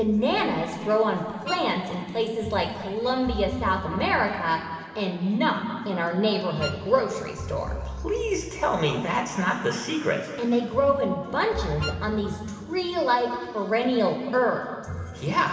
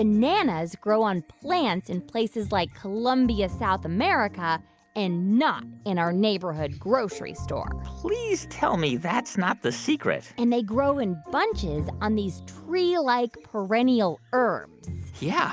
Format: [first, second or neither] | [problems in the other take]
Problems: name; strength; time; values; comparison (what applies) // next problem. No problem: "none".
second | background sound (Wind instrument, woodwind instrument); 13 dB below the speech // room echo; dies away in 2.5 s